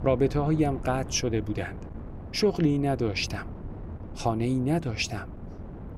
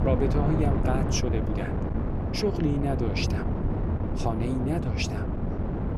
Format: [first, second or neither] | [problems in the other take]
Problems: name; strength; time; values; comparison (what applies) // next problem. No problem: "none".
first | wind noise on the microphone; heavy; 3 dB below the speech; occasional gusts in the first